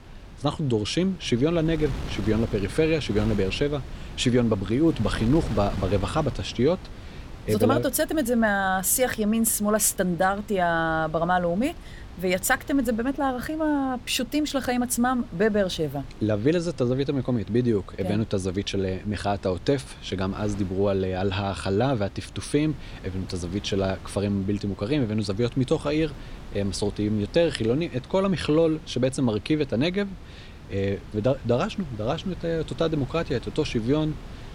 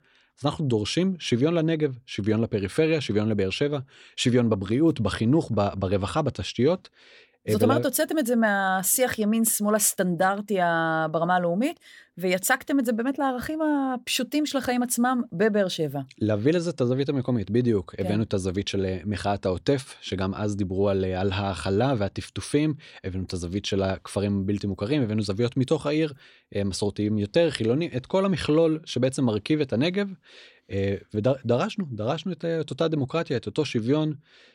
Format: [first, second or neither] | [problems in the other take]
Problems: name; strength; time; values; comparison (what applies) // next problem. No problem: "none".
second | wind noise on the microphone; occasional gusts; 20 dB below the speech